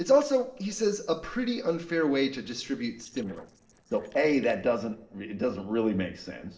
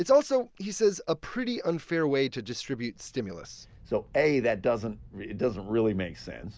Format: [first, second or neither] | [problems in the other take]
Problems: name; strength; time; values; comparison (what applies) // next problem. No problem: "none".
second | noise reduction (neural separator model SepFormer DNS4)